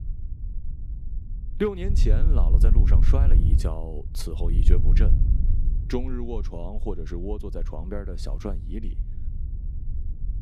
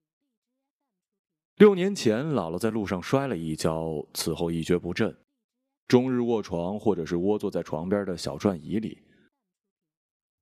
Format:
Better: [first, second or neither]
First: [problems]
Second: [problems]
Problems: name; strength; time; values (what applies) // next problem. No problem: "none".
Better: second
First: wind noise on the microphone; heavy; 8 dB below the speech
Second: none